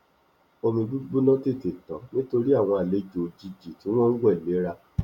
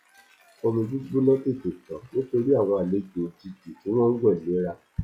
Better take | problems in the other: first | noise reduction (classical method log-MMSE)

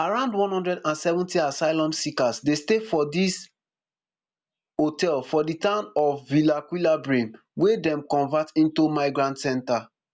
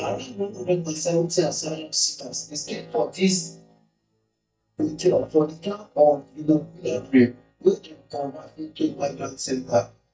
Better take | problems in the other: first | noise reduction (neural mask model DeepFilterNet 3)

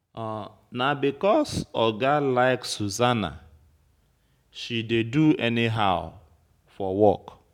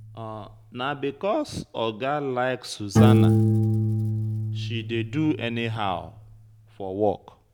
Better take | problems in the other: first | background sound (Piano); 4 dB above the speech

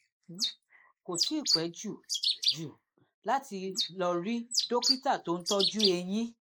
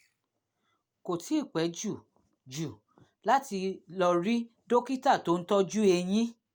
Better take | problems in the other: second | noise reduction (neural mask model Resemble Enhance denoiser)

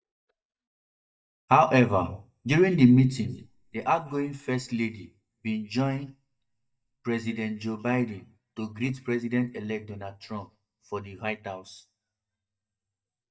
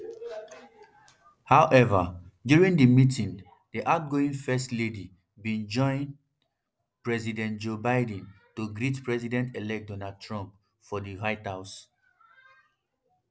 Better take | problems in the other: second | noise reduction (neural mask model DeepFilterNet 3)

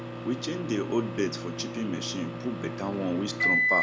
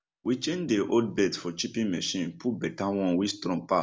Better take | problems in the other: second | background sound (Microwave oven); as loud as the speech

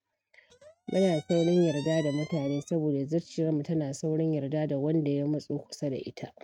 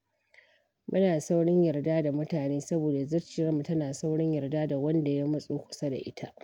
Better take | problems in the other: second | noise reduction (neural mask model RNNoise)

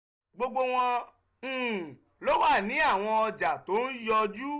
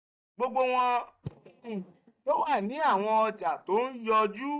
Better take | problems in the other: first | noise reduction (neural mask model DeepFilterNet 3)

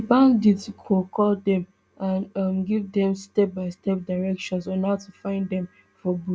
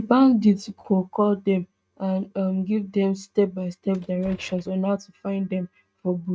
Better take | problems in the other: first | noise reduction (neural mask model RNNoise)

